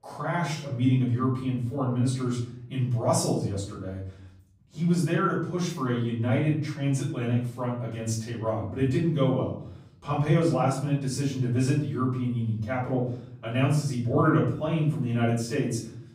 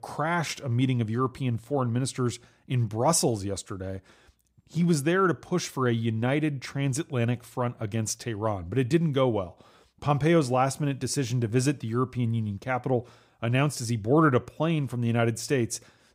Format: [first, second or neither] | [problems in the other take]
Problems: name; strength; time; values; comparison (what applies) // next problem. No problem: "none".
second | off-mic speech; far // room echo; noticeable; dies away in 0.7 s